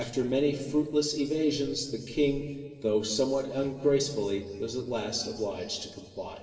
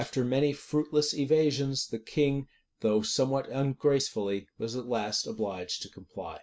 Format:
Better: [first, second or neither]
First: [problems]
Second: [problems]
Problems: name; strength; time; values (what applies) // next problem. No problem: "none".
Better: second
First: noise reduction (neural separator model SepFormer DNS4)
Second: none